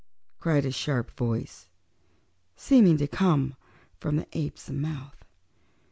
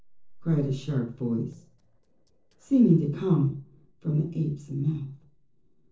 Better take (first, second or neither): first